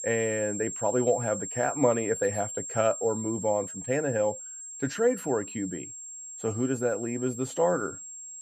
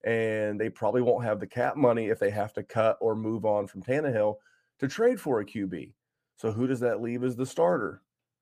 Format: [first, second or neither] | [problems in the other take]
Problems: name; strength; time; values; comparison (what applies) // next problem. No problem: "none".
second | high-pitched whine; loud; throughout; 7.5 kHz, 8 dB below the speech